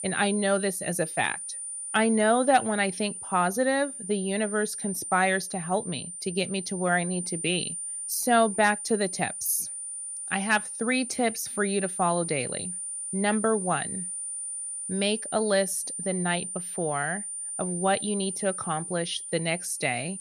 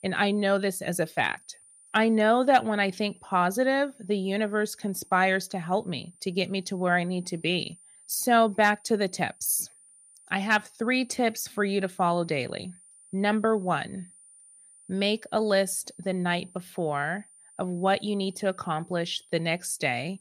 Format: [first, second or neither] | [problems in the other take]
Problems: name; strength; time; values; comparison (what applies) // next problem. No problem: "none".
second | high-pitched whine; loud; throughout; 9 kHz, 6 dB below the speech; faint in the second